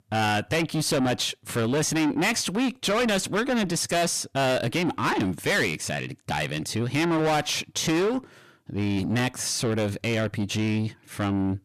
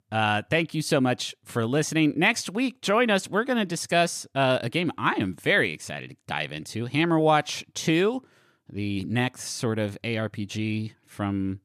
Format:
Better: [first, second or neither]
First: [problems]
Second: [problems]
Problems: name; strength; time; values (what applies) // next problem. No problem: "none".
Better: second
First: distortion; heavy; 6 dB below the speech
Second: none